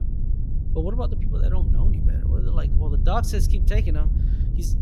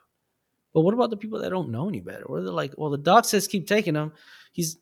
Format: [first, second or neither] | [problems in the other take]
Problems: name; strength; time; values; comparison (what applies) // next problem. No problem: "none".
second | wind noise on the microphone; heavy; 7 dB below the speech